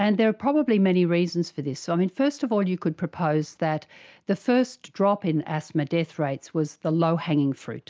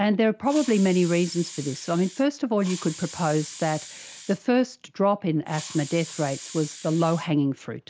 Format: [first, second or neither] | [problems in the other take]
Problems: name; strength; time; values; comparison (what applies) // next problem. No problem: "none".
first | background sound (Hiss); 15 dB below the speech